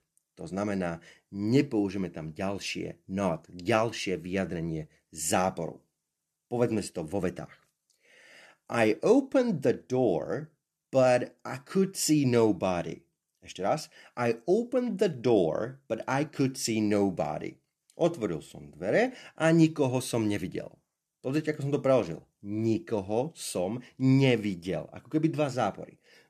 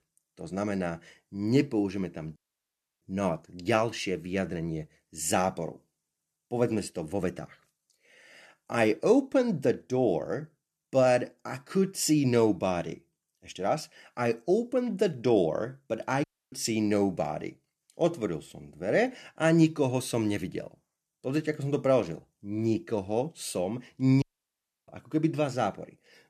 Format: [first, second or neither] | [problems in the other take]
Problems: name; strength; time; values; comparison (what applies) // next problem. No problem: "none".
first | audio cutting out; at 2.5 s for 0.5 s, at 16 s and at 24 s for 0.5 s